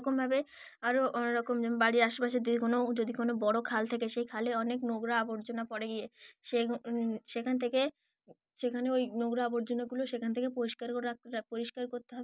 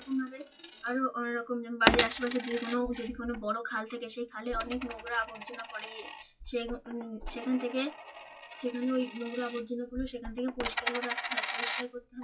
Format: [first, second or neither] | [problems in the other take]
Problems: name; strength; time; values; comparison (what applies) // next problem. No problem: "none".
first | noise reduction (classical method WPE with log-MMSE)